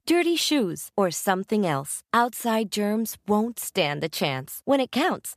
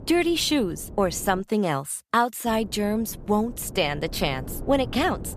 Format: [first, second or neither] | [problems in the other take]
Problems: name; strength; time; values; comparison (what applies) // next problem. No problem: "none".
first | wind noise on the microphone; occasional gusts; until 1.5 s and from 2.5 s on; 20 dB below the speech